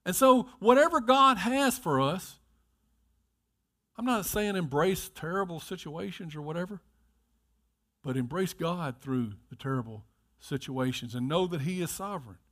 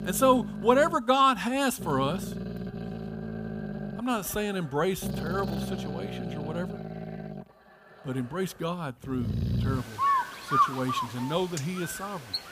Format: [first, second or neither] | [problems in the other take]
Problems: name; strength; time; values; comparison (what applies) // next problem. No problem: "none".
first | animal sounds; loud; throughout; 4 dB below the speech